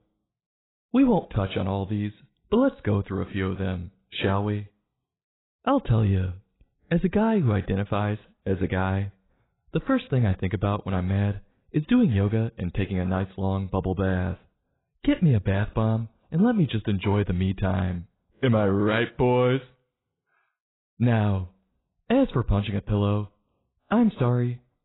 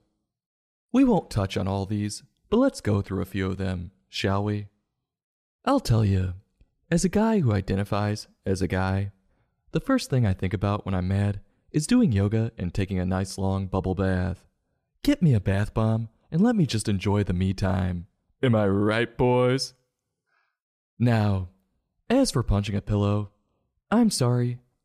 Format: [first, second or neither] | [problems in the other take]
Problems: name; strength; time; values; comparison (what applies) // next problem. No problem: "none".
second | garbled, watery; badly; nothing above 4 kHz